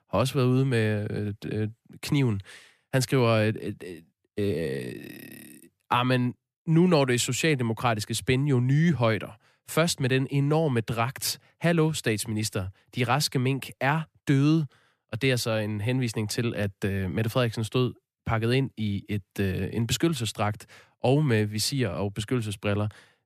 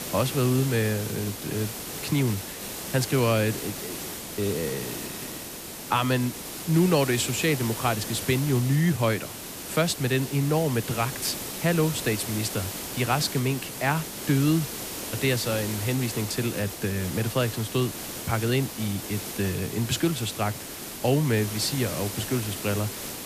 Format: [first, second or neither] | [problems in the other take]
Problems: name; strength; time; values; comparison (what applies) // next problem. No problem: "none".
first | hiss; loud; throughout; 7 dB below the speech